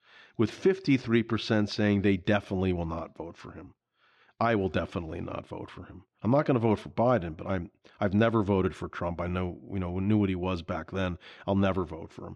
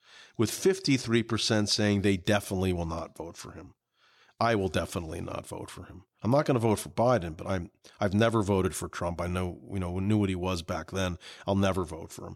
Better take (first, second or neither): second